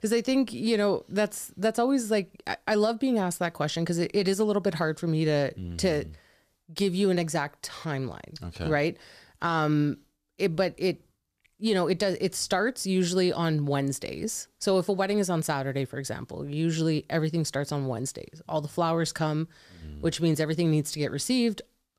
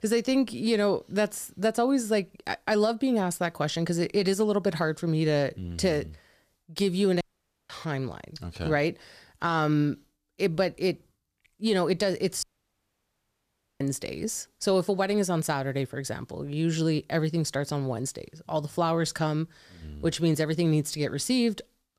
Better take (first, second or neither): first